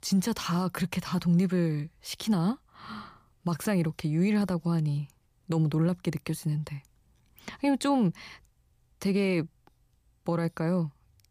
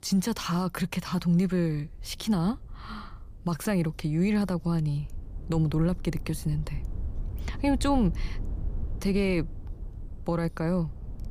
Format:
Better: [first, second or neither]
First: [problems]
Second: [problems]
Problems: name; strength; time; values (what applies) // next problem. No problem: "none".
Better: first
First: none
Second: wind noise on the microphone; occasional gusts; 20 dB below the speech